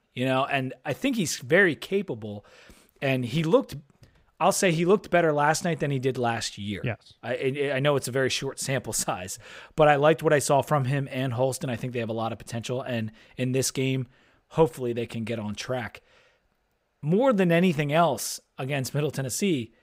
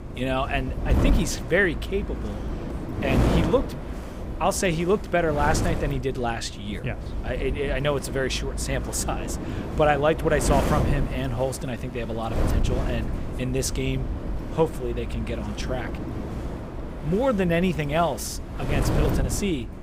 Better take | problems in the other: first | wind noise on the microphone; heavy; 8 dB below the speech

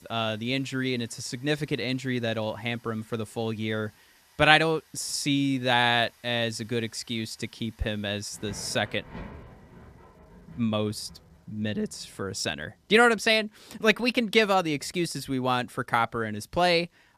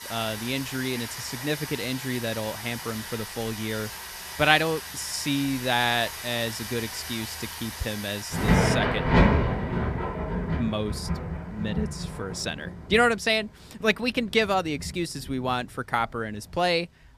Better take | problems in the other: first | rain or running water; loud; throughout; 3 dB below the speech; faint in the first

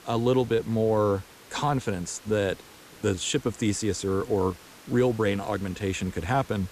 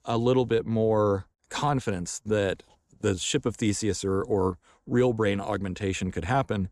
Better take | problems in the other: second | hiss; faint; throughout; 20 dB below the speech

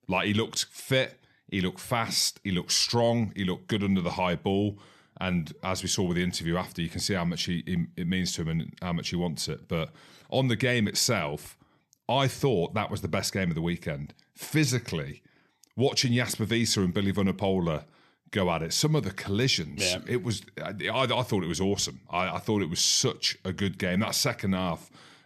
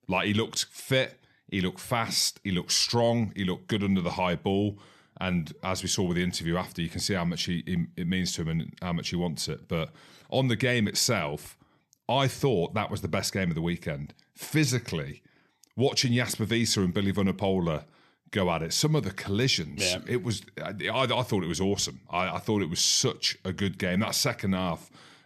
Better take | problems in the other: neither | none

